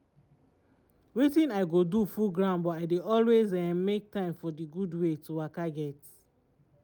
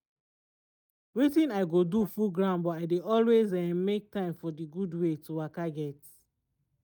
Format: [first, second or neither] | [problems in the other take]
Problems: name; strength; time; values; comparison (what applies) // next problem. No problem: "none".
first | noise reduction (neural mask model DeepFilterNet 3)